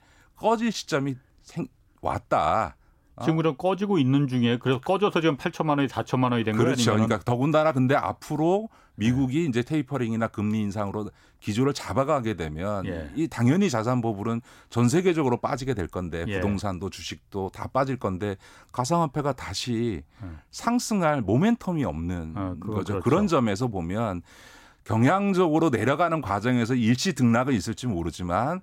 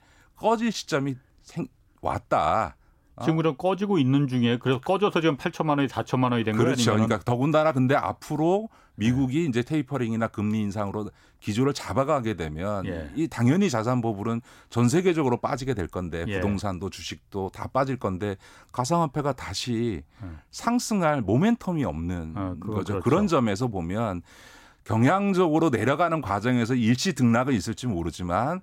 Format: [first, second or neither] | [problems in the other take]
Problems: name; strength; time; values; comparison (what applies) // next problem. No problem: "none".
neither | none